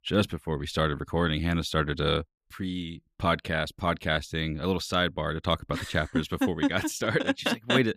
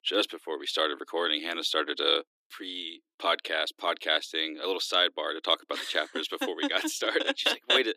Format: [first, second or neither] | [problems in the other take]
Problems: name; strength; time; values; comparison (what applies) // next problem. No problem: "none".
first | thin; somewhat; fading below 300 Hz